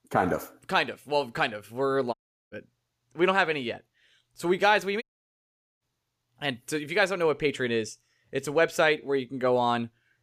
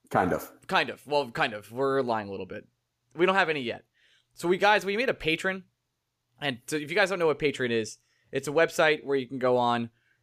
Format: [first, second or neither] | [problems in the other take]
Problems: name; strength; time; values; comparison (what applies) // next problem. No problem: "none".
second | audio cutting out; at 2 s and at 5 s for 1 s